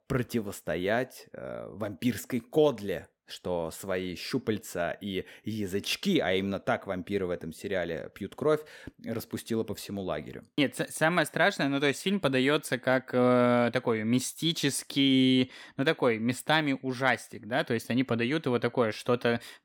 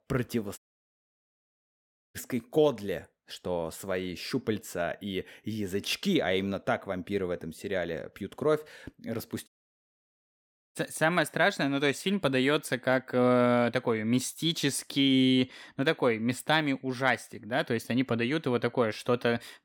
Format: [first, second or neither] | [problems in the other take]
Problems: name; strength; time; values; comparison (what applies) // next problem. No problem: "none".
first | audio cutting out; at 0.5 s for 1.5 s and at 9.5 s for 1.5 s